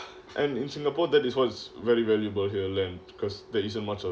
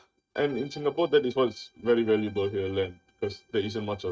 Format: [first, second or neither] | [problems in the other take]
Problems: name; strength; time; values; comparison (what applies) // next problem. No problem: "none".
first | noise reduction (neural mask model RNNoise)